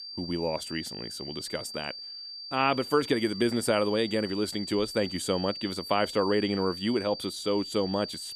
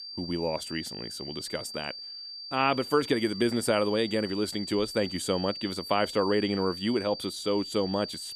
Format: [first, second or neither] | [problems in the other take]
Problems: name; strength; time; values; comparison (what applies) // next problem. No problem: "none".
neither | high-pitched whine; loud; throughout; 4.5 kHz, 9 dB below the speech; the same in both